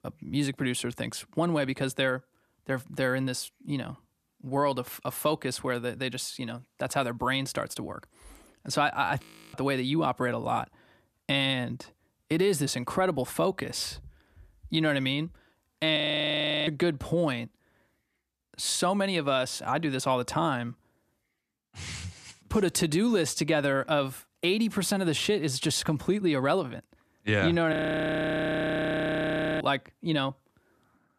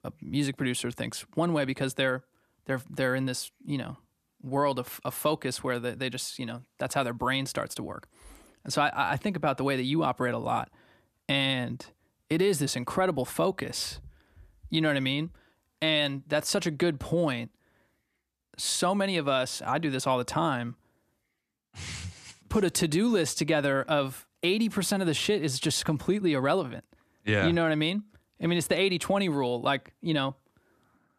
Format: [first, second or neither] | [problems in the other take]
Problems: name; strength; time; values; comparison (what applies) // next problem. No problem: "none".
second | audio freezing; at 9 s, at 16 s for 0.5 s and at 28 s for 2 s